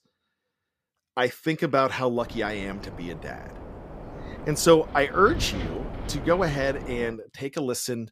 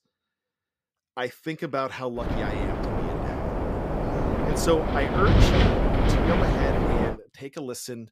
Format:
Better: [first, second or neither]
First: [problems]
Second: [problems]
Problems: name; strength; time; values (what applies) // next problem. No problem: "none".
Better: first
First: wind noise on the microphone; occasional gusts; from 2 to 7 s; 15 dB below the speech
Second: wind noise on the microphone; heavy; from 2 to 7 s; 2 dB above the speech